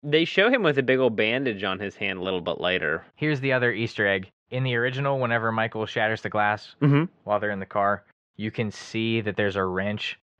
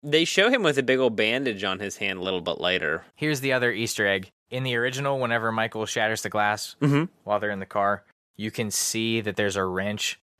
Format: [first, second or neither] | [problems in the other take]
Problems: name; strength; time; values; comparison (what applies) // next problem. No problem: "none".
second | muffled; slightly; fading above 3 kHz